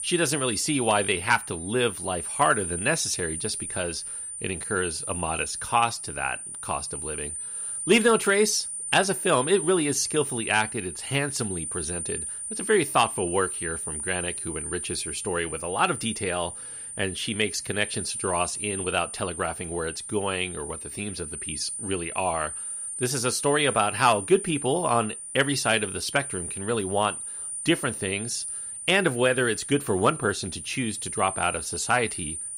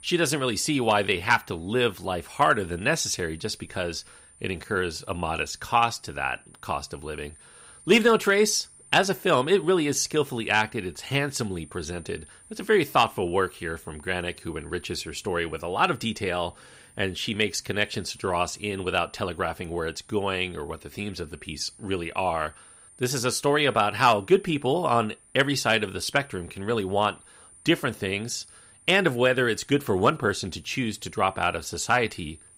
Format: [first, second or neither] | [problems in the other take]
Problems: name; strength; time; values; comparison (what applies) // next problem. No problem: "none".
second | high-pitched whine; loud; throughout; 9 kHz, 5 dB below the speech; faint in the second